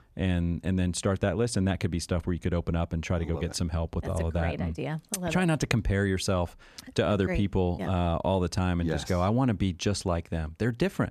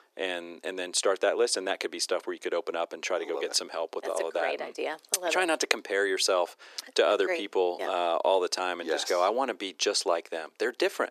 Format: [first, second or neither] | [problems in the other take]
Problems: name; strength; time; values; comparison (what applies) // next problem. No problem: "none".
first | thin; very; fading below 350 Hz